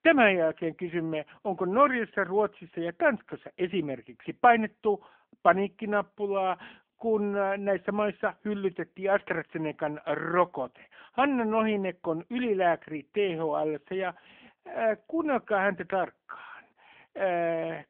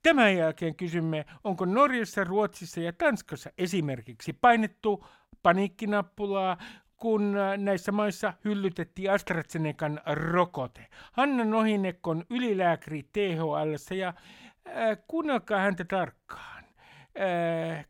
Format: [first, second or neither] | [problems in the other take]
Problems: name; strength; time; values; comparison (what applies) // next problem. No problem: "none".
second | phone-call audio